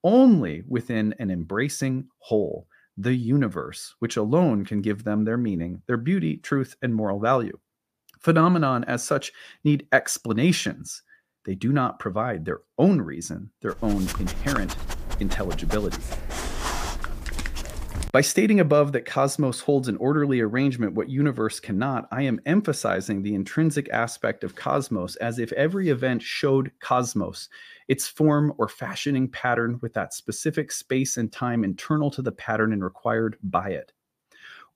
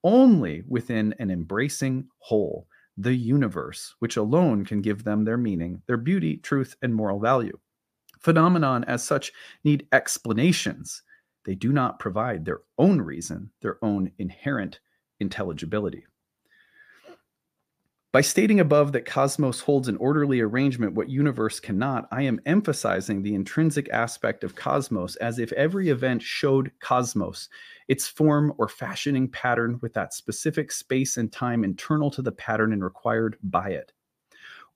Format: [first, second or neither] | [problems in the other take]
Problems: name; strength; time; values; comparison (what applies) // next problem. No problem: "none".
second | dog barking; noticeable; from 14 to 18 s; peak 4 dB below the speech